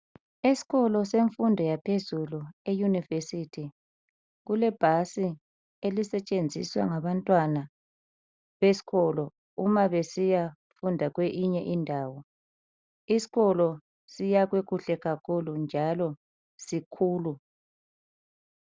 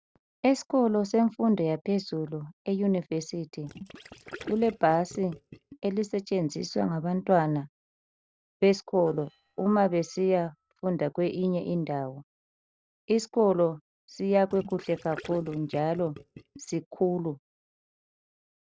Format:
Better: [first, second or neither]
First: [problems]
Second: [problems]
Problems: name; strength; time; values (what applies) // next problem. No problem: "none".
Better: first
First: none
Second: noise reduction (neural separator model SepFormer DNS4)